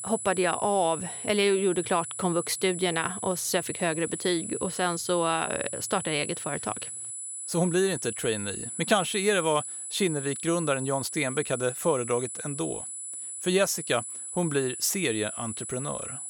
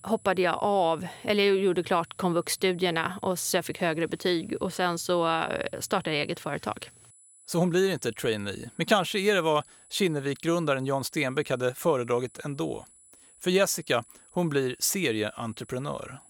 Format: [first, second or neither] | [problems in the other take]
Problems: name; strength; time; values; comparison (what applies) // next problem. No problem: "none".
second | high-pitched whine; loud; throughout; 10 kHz, 6 dB below the speech; faint in the second